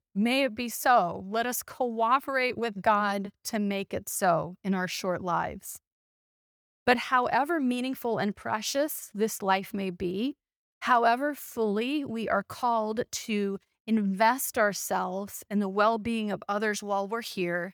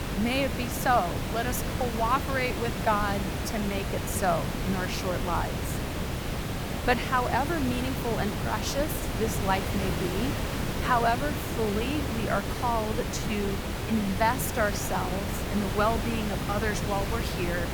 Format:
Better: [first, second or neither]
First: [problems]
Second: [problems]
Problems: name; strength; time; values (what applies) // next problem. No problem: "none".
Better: first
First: none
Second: hiss; loud; throughout; 2 dB below the speech